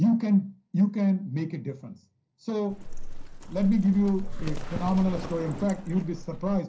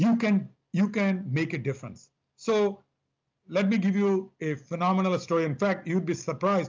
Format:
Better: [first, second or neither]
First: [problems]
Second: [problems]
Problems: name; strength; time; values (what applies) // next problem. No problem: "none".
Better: second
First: background sound (Livestock, farm animals, working animals); 6 dB below the speech // room echo; dies away in 0.3 s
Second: none